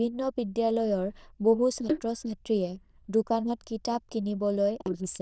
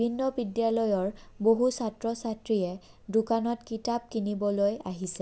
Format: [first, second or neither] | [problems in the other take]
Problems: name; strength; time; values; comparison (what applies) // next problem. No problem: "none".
second | noise reduction (neural diffusion model UNIVERSE++)